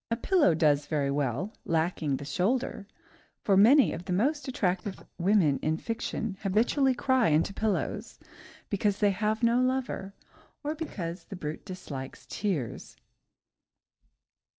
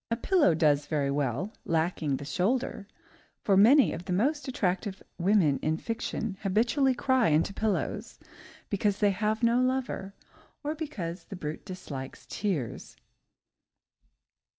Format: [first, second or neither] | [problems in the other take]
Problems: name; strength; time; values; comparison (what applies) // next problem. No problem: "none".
second | noise reduction (neural separator model SepFormer DNS4)